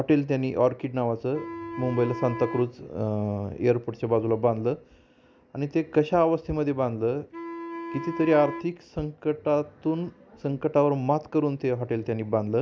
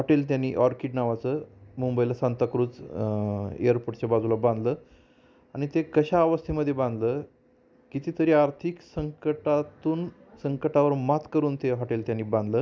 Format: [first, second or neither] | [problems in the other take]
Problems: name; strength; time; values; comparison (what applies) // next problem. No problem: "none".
second | background sound (Wind instrument, woodwind instrument); 12 dB below the speech